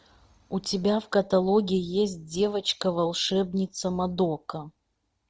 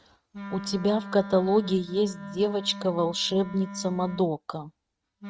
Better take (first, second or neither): first